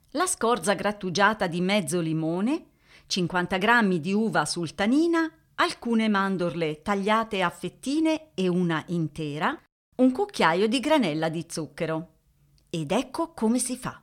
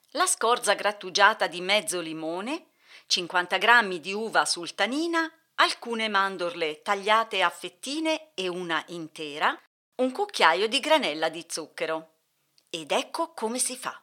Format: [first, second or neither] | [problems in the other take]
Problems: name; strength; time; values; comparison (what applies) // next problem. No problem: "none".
first | thin; somewhat; fading below 500 Hz